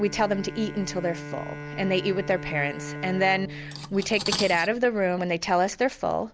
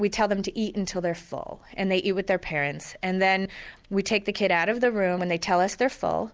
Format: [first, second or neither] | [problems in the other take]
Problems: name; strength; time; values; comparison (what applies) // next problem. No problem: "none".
second | background sound (Cutlery, silverware + Bowed string instrument); 11 dB below the speech